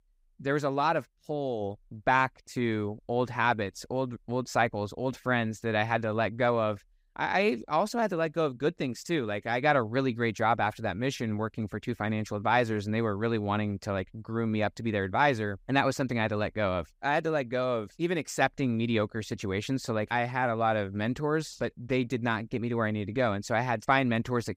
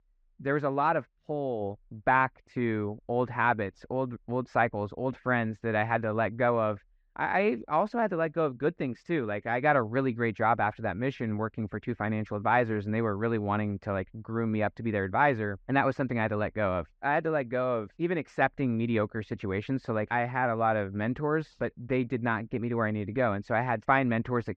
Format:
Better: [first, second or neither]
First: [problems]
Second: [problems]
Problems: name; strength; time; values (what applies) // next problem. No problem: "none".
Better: first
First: none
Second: muffled; very; fading above 2 kHz